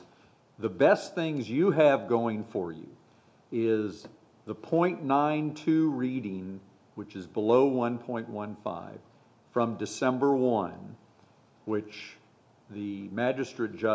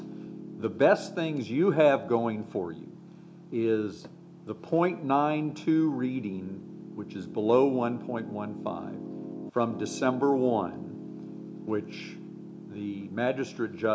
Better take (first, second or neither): first